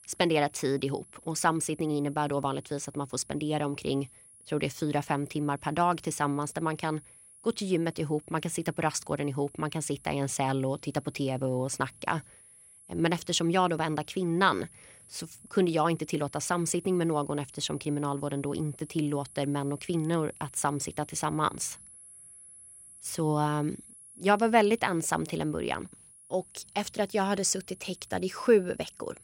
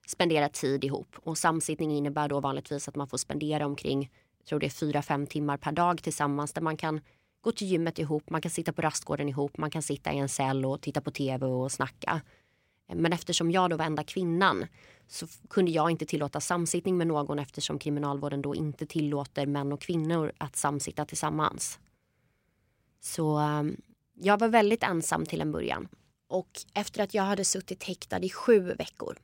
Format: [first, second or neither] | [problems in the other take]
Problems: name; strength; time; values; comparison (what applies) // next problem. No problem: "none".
second | high-pitched whine; faint; throughout; 11 kHz, 20 dB below the speech